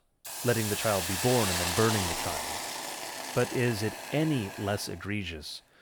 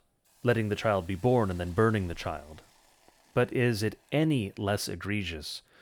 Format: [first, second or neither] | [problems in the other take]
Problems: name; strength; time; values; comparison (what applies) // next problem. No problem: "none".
second | hiss; loud; throughout; 2 dB below the speech; faint in the second